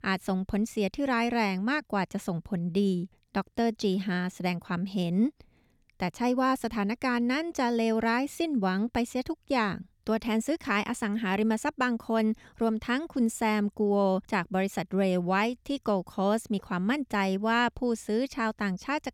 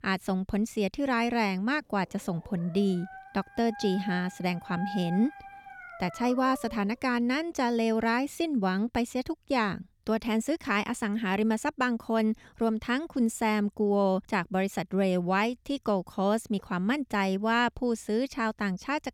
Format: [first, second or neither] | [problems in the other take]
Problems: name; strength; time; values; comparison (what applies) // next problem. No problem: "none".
first | dog barking; noticeable; from 2 to 7 s; peak 9 dB below the speech